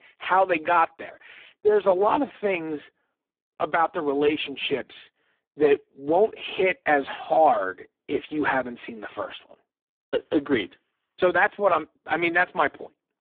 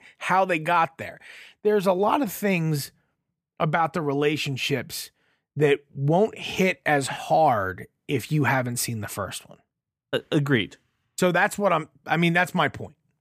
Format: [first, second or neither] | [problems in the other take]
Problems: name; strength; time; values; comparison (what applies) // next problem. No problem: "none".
second | phone-call audio; poor line